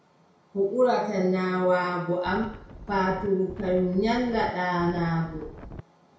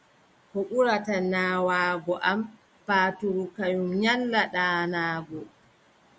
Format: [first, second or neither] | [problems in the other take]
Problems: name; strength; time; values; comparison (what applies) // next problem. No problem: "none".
second | background sound (Wind); 15 dB below the speech // room echo; dies away in 0.6 s